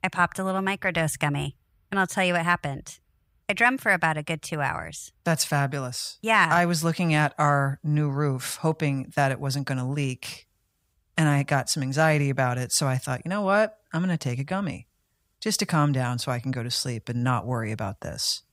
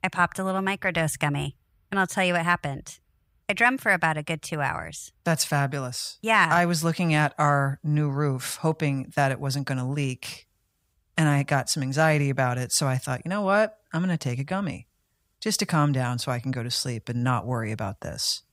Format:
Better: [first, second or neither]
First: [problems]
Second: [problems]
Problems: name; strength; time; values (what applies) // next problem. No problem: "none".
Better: neither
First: none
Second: none